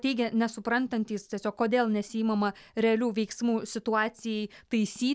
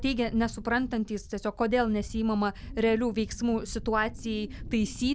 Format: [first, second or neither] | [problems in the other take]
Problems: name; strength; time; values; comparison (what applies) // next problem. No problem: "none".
first | background sound (Wind); 12 dB below the speech